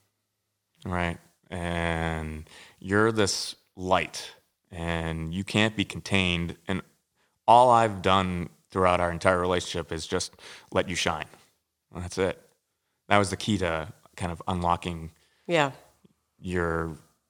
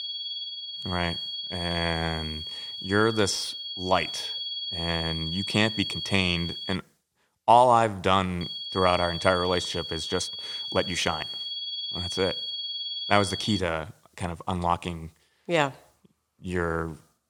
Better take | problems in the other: first | high-pitched whine; loud; until 7 s and from 8.5 to 14 s; 3.5 kHz, 5 dB below the speech

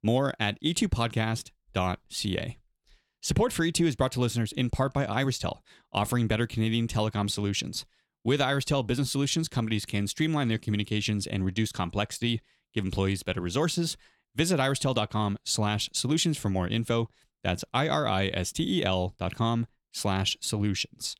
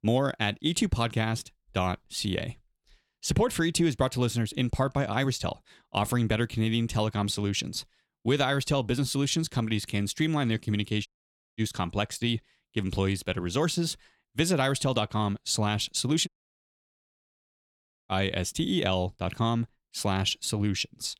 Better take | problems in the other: first | audio cutting out; at 11 s for 0.5 s and at 16 s for 2 s

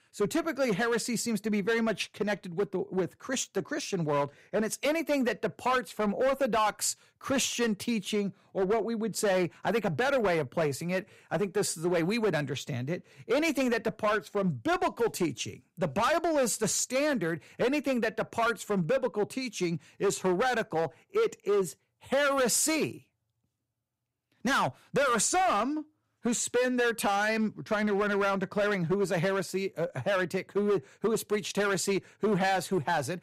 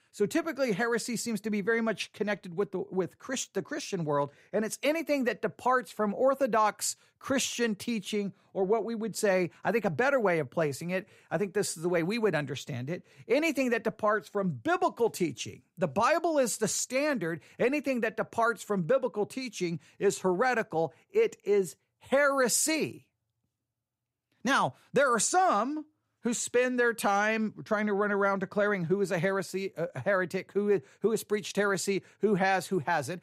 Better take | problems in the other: second | distortion; slight; 10% of the sound clipped

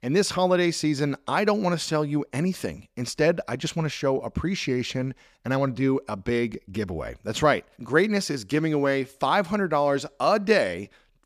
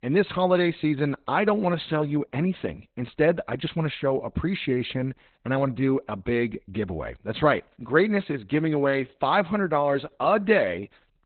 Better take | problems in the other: first | garbled, watery; badly; nothing above 4 kHz

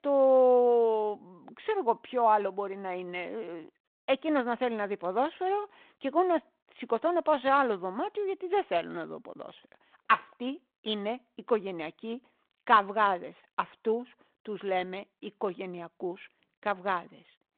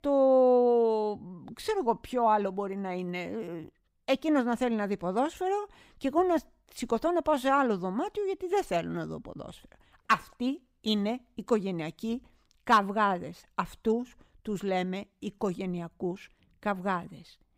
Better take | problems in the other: second | phone-call audio; nothing above 3.5 kHz

